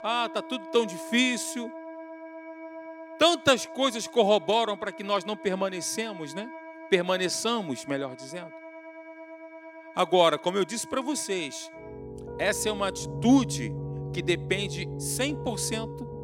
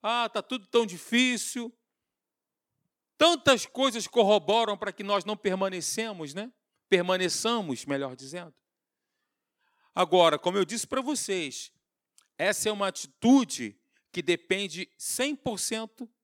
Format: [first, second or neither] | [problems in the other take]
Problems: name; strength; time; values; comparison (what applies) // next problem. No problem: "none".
second | background music; noticeable; throughout; 15 dB below the speech